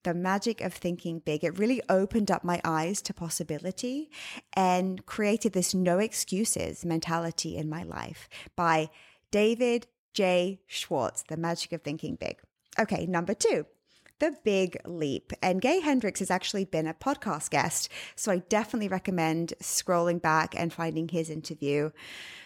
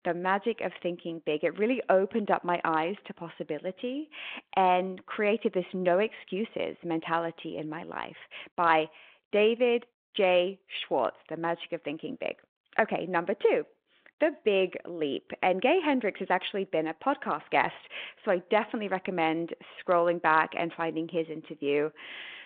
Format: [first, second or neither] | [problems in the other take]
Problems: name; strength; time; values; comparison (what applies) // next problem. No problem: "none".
first | phone-call audio